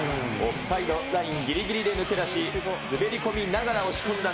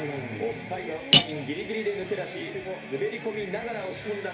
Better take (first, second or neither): first